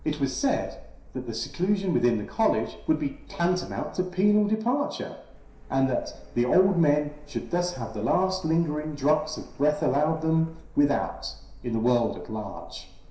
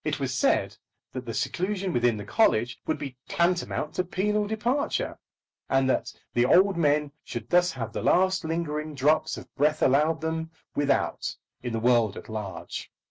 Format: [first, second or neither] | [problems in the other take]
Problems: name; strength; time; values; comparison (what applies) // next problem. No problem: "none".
second | background sound (Printer); 18 dB below the speech // room echo; dies away in 0.7 s